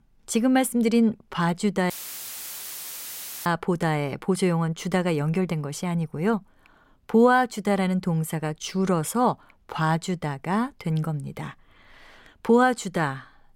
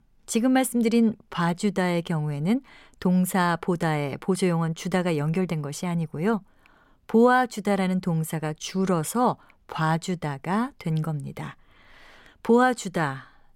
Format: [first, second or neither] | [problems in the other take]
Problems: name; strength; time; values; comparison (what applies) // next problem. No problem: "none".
second | audio cutting out; filled with static; at 2 s for 1.5 s